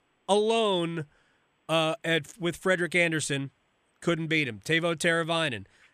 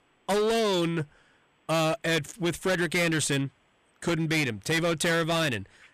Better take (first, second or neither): first